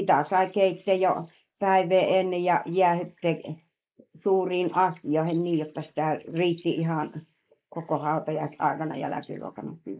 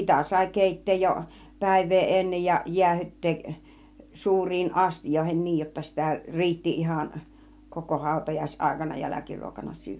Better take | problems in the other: second | noise reduction (neural mask model Resemble Enhance denoiser)

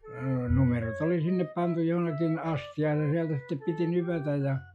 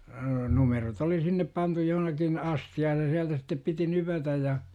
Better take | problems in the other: second | noise reduction (classical method log-MMSE)

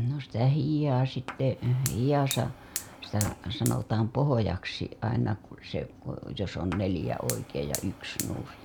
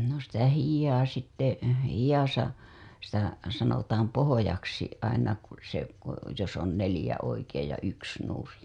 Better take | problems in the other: second | background sound (Fire); 13 dB below the speech

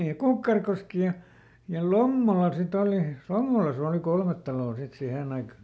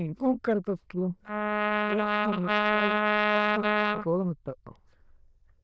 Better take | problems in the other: first | noise reduction (neural diffusion model UNIVERSE++)

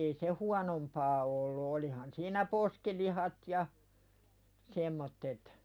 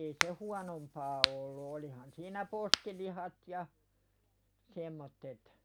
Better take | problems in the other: first | background sound (Crack); 5 dB above the speech

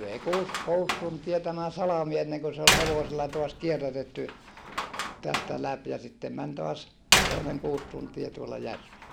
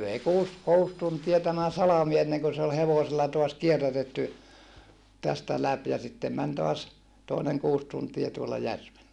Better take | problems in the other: second | background sound (Slam); as loud as the speech

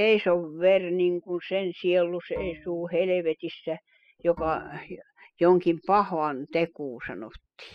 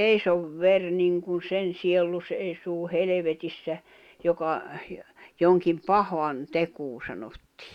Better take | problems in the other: second | noise reduction (classical method spectral subtraction)

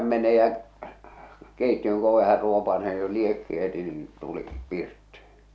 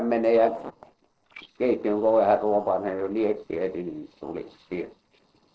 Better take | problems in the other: first | noise reduction (neural separator model SepFormer DNS4)

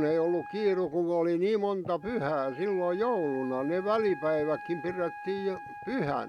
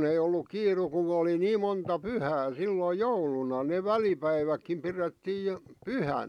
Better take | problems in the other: second | background sound (Wind instrument, woodwind instrument); 15 dB below the speech

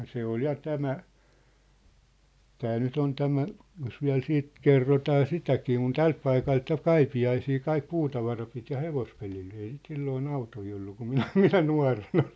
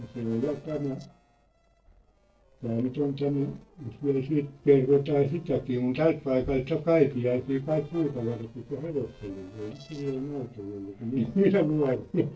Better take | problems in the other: first | noise reduction (neural separator model SepFormer DNS4)

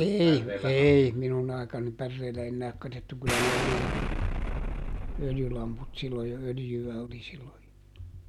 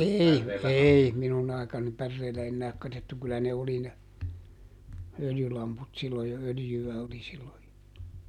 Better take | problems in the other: second | background sound (Explosion); 2 dB below the speech

